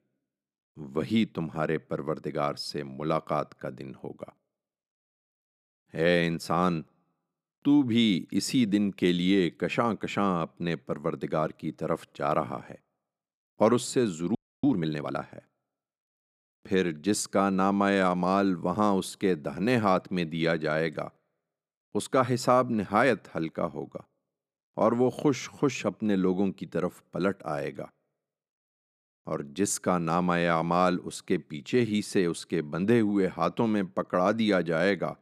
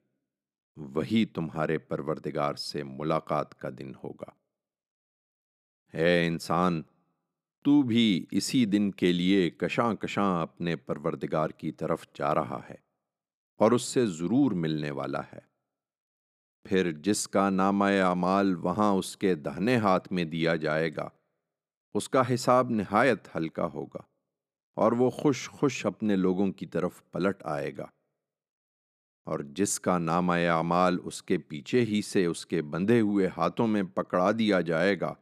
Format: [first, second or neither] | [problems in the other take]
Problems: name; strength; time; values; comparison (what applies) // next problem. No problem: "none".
second | audio freezing; at 14 s